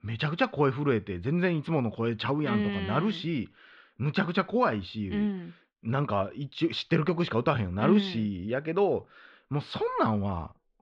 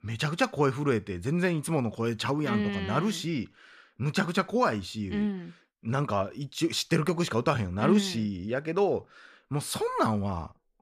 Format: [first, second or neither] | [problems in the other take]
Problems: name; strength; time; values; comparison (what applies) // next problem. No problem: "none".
second | muffled; slightly; fading above 3.5 kHz